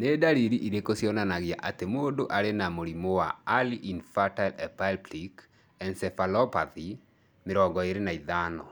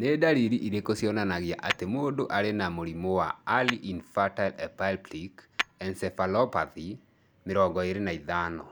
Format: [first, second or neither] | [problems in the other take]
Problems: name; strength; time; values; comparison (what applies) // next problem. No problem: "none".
first | background sound (Tap / Hammer); 12 dB below the speech